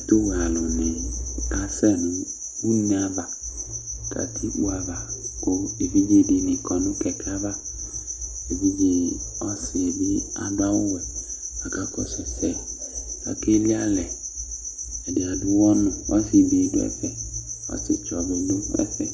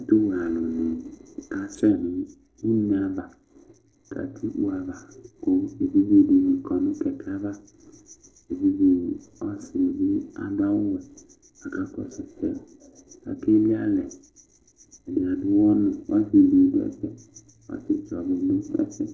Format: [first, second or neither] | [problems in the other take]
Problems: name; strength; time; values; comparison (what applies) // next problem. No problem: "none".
first | noise reduction (neural separator model SepFormer DNS4)